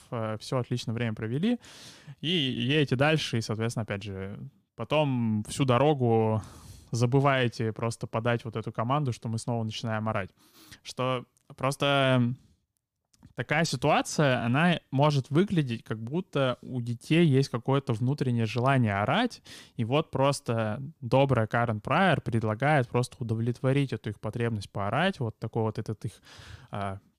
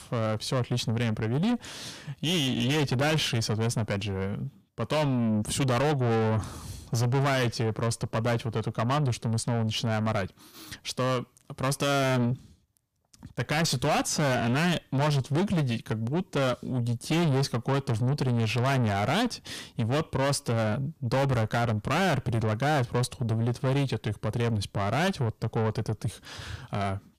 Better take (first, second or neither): first